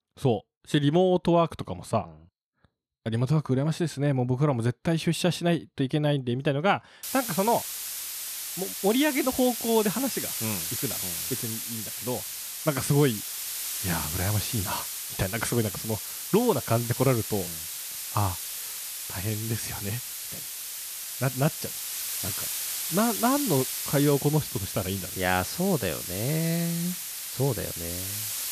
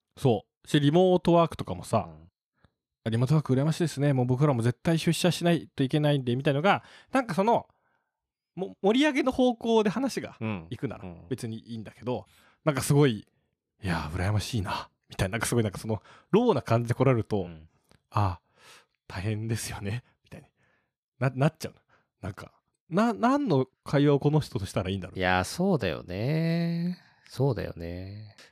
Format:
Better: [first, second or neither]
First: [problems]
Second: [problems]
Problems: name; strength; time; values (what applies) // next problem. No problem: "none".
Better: second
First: hiss; loud; from 7 s on; 4 dB below the speech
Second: none